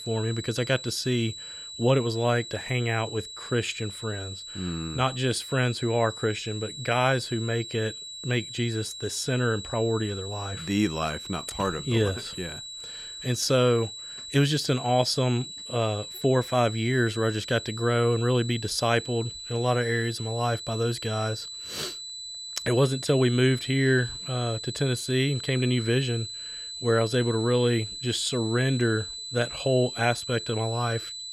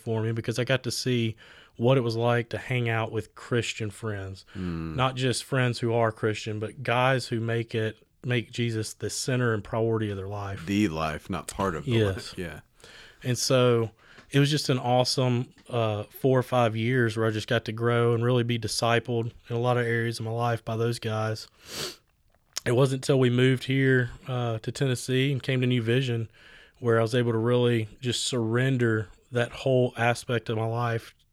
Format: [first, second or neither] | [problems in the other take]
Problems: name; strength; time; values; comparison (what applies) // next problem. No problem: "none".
second | high-pitched whine; loud; throughout; 4 kHz, 9 dB below the speech